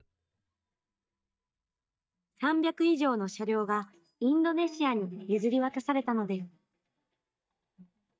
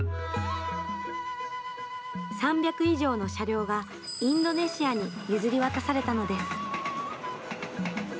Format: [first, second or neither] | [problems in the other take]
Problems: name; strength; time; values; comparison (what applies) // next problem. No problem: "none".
second | noise reduction (neural mask model DeepFilterNet 3)